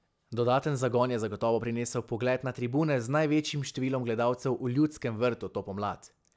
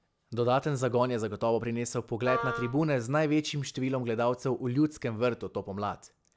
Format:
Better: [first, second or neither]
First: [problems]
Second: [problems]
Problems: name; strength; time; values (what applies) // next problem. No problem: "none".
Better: first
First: none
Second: background sound (Wind instrument, woodwind instrument); 6 dB below the speech